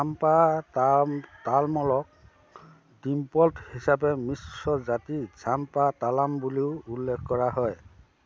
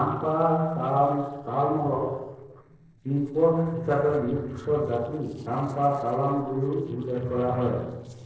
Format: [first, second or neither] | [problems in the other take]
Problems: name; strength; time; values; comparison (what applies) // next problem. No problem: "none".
first | noise reduction (neural separator model SepFormer DNS4)